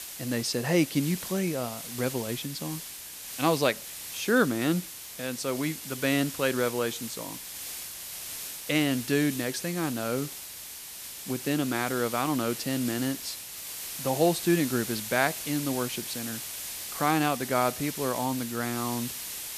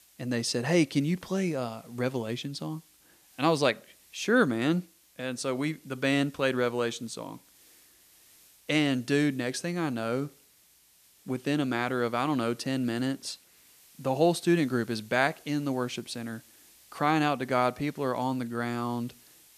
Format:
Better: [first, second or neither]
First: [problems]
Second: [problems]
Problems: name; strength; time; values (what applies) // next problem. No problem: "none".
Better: second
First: hiss; loud; throughout; 7 dB below the speech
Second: hiss; faint; throughout; 25 dB below the speech